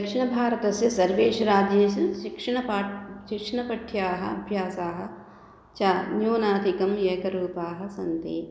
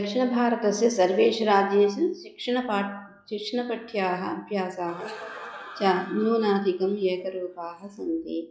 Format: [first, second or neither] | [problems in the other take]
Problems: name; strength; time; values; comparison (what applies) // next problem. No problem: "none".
first | noise reduction (classical method log-MMSE)